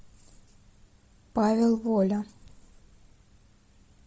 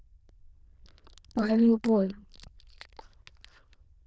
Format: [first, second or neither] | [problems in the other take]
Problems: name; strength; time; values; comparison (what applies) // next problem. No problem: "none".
first | noise reduction (neural diffusion model UNIVERSE++)